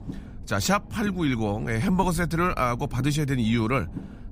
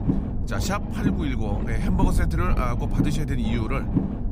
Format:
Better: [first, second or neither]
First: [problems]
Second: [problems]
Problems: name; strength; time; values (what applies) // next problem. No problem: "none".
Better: first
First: low rumble; faint; throughout; 20 dB below the speech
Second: low rumble; loud; throughout; 4 dB below the speech